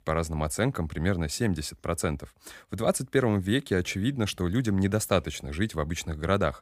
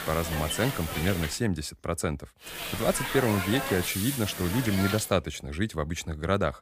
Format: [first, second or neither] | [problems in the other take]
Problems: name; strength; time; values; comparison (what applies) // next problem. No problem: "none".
first | hiss; loud; until 1.5 s and from 2.5 to 5 s; 4 dB below the speech